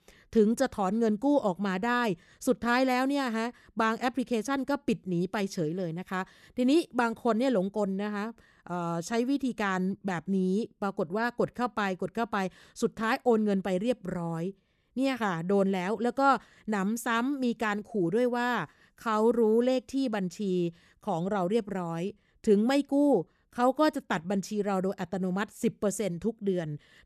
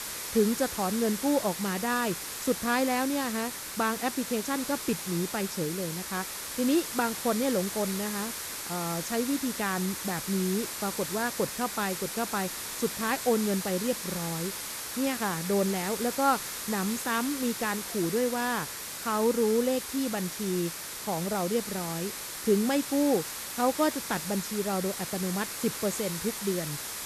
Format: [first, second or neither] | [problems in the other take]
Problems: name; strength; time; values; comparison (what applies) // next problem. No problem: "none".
first | hiss; loud; throughout; 4 dB below the speech